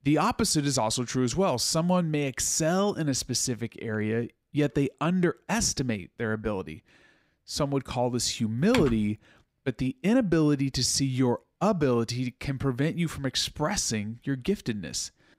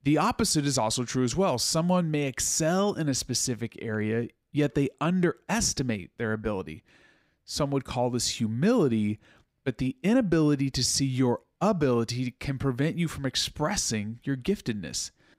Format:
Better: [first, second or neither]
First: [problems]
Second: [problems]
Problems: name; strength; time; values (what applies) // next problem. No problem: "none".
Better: second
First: keyboard typing; noticeable; at 8.5 s; peak 5 dB below the speech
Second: none